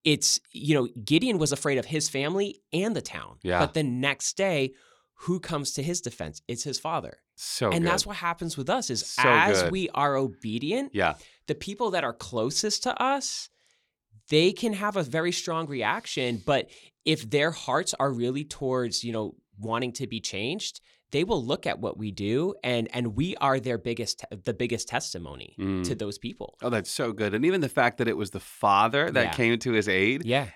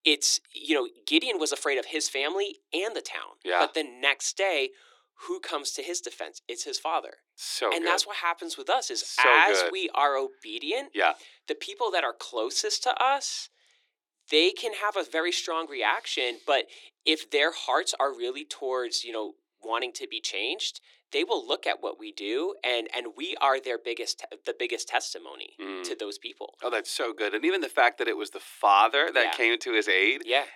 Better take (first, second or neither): first